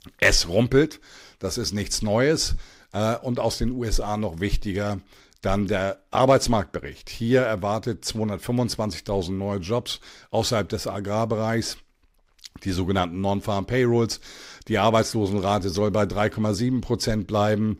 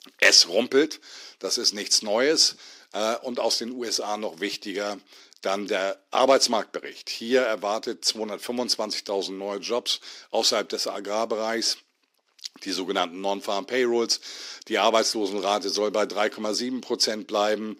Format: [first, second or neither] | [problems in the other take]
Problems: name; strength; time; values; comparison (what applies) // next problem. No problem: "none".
first | thin; somewhat; fading below 300 Hz